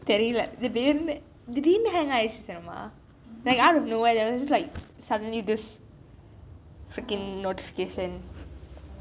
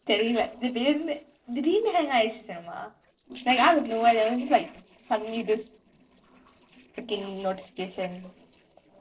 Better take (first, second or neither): first